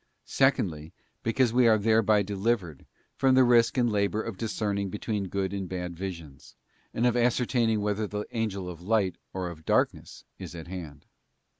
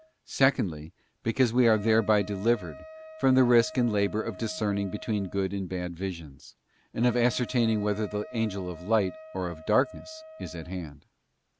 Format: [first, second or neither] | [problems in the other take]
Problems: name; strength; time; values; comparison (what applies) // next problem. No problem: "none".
first | background sound (Wind instrument, woodwind instrument); 19 dB below the speech